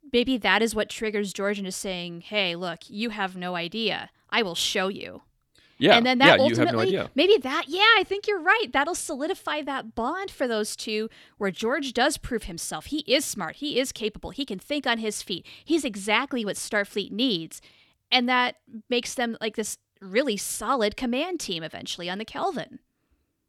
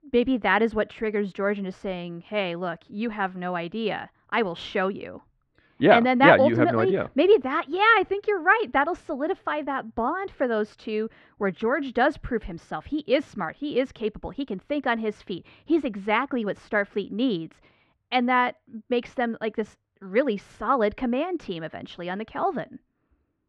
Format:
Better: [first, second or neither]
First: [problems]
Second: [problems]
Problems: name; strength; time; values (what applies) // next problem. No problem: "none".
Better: first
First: none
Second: muffled; very; fading above 1.5 kHz